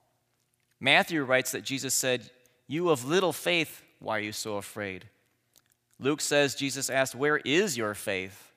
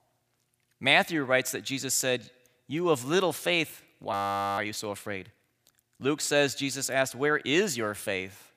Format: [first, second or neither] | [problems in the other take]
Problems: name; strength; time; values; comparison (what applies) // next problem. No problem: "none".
first | audio freezing; at 4 s